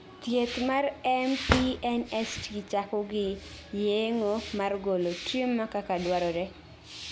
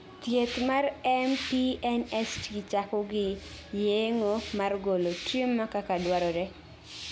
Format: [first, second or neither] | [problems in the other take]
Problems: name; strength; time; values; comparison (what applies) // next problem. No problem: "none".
second | background sound (Drawer open or close); 2 dB below the speech